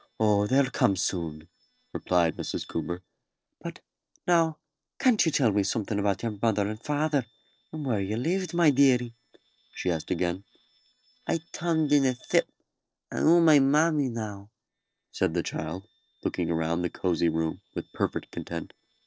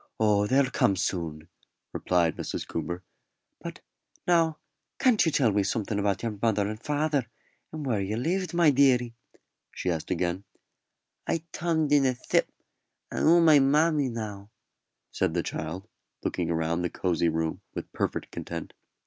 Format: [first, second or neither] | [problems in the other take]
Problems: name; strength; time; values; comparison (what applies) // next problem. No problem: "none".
second | noise reduction (neural separator model SepFormer DNS4)